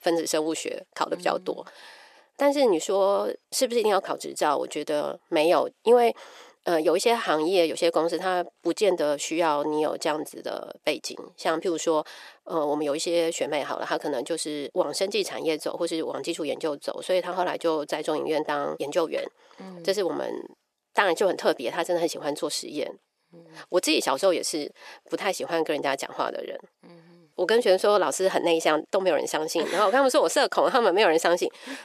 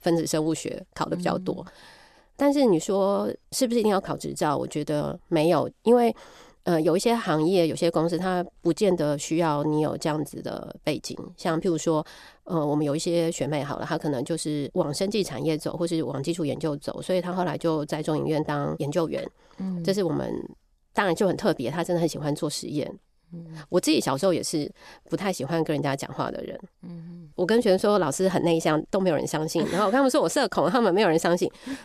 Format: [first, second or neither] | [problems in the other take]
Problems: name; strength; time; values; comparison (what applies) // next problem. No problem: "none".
second | thin; somewhat; fading below 450 Hz